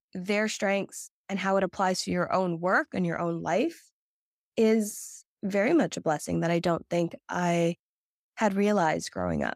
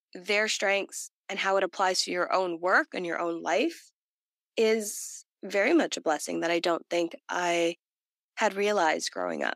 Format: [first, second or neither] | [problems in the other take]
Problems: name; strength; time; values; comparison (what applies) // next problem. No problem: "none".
first | thin; somewhat; fading below 300 Hz